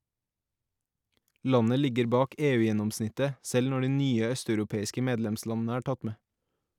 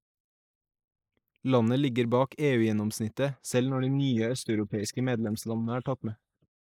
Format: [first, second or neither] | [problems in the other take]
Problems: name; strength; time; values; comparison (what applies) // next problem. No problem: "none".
first | noise reduction (neural mask model Resemble Enhance denoiser)